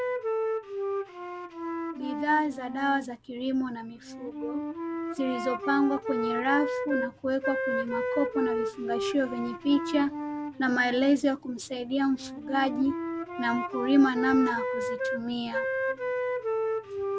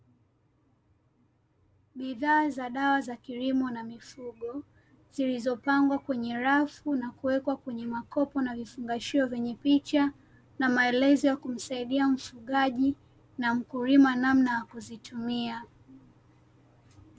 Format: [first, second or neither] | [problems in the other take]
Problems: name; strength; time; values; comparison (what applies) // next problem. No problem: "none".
second | background sound (Wind instrument, woodwind instrument); 3 dB below the speech